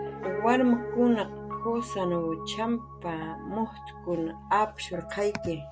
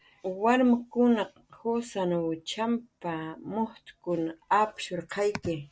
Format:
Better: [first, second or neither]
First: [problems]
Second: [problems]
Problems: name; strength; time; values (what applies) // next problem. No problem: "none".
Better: second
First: background sound (Piano); 9 dB below the speech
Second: none